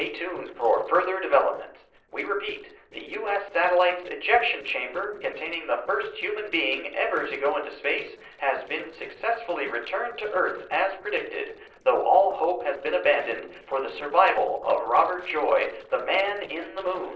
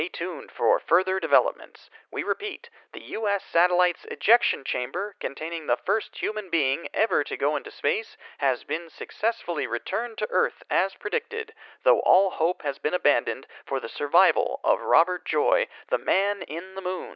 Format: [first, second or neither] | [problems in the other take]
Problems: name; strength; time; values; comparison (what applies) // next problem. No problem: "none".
second | noise reduction (neural separator model SepFormer DNS4)